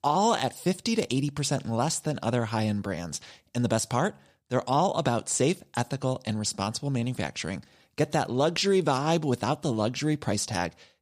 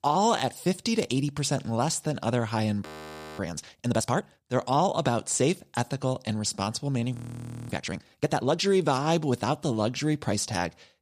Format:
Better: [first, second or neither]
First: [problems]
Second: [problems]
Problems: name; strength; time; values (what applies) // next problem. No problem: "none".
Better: first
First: none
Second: audio freezing; at 3 s for 0.5 s and at 7 s for 0.5 s